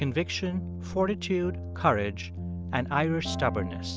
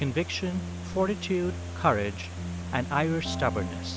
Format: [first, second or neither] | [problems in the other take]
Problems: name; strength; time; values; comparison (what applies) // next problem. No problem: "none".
first | background sound (Water); 18 dB below the speech